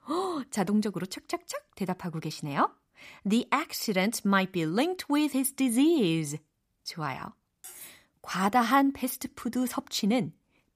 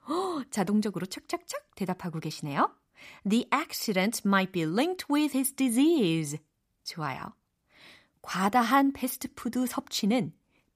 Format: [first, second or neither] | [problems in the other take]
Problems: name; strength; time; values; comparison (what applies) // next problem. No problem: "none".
second | clattering dishes; faint; at 7.5 s; peak 15 dB below the speech